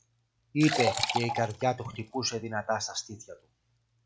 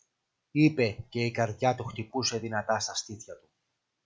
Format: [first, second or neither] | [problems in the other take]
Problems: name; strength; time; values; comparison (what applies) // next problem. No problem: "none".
second | background sound (Liquid); 5 dB below the speech